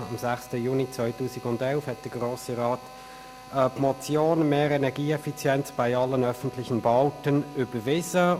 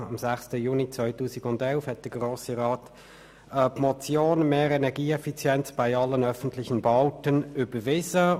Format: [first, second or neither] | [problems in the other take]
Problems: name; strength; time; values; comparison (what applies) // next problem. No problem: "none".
second | background sound (Drill); 19 dB below the speech